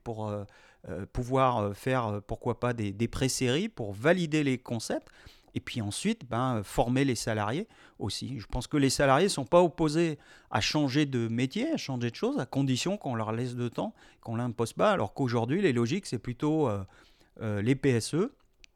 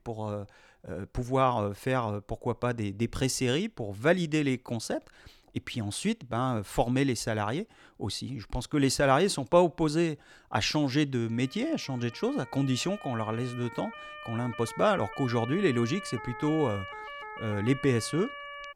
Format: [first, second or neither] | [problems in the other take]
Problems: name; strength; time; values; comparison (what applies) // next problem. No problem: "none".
first | siren; faint; from 11 s on; peak 10 dB below the speech